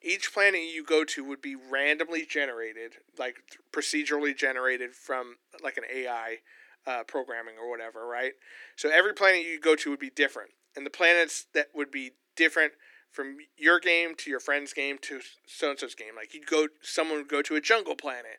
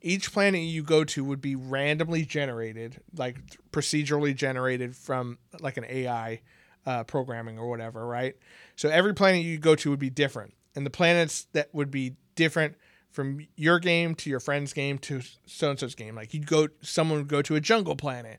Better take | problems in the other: second | thin; somewhat; fading below 300 Hz

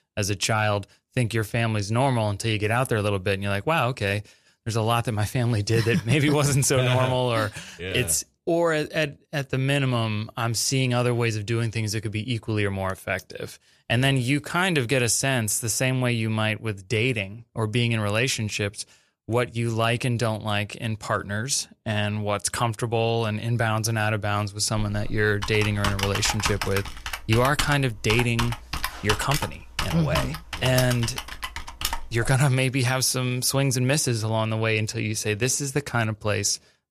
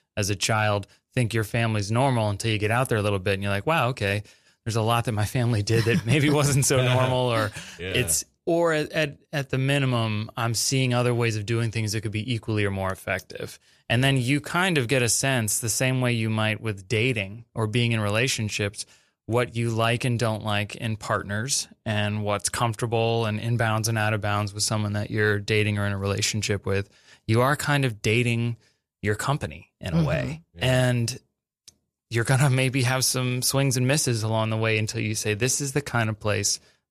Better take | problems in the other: second | keyboard typing; noticeable; from 25 to 32 s; peak 2 dB below the speech

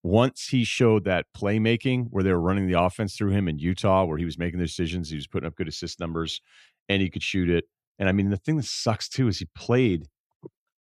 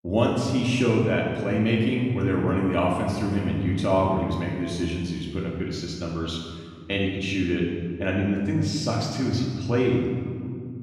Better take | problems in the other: first | room echo; noticeable; dies away in 1.9 s // off-mic speech; far

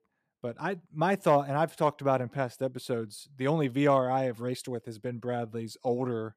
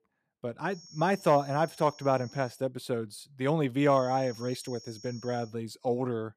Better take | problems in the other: first | high-pitched whine; noticeable; from 0.5 to 2.5 s and from 4 to 5.5 s; 5.5 kHz, 20 dB below the speech

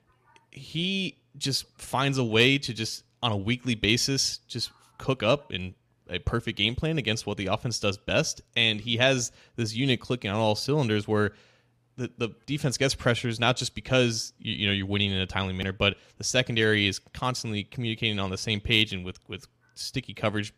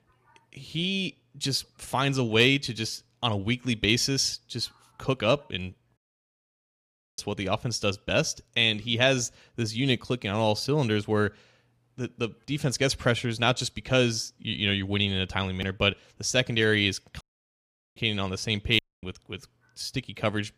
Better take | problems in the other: first | audio cutting out; at 6 s for 1 s, at 17 s for 1 s and at 19 s

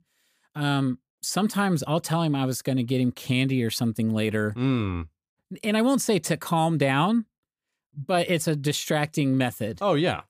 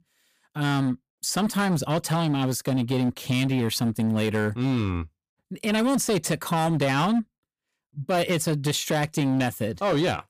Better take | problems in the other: first | distortion; slight; 13% of the sound clipped

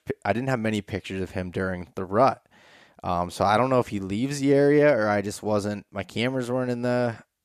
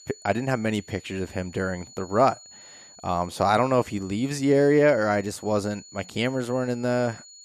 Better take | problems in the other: first | high-pitched whine; faint; throughout; 7 kHz, 20 dB below the speech

